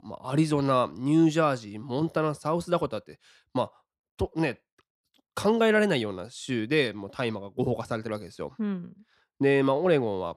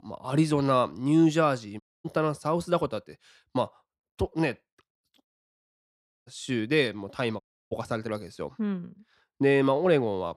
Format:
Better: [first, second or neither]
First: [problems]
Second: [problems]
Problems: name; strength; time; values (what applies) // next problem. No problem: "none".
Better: first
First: none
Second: audio cutting out; at 2 s, at 5.5 s for 1 s and at 7.5 s